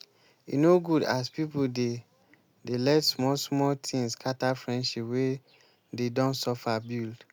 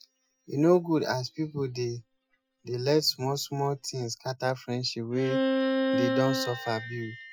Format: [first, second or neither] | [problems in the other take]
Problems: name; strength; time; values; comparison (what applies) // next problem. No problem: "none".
first | noise reduction (classical method Wiener filter)